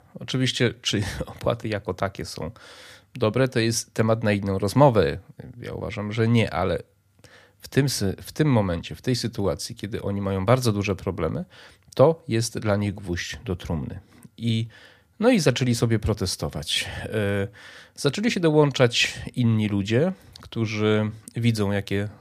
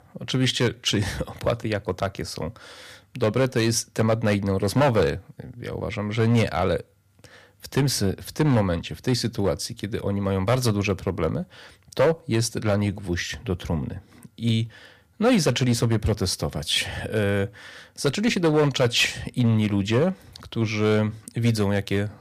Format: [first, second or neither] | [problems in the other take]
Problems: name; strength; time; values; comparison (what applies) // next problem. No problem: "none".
first | distortion; slight; 3% of the sound clipped